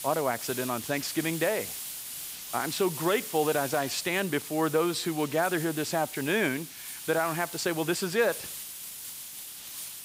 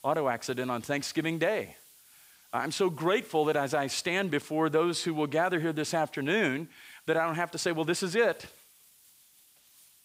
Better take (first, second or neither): second